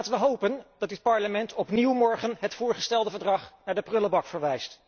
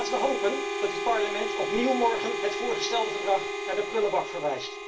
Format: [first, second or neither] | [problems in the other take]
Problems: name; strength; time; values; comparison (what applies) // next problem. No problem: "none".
first | background sound (Harmonica); 3 dB below the speech // room echo; dies away in 0.2 s